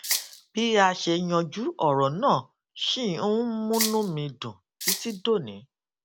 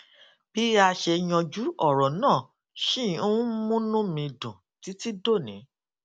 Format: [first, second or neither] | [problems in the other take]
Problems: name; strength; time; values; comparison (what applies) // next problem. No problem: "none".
second | background sound (Rattle (instrument)); 4 dB below the speech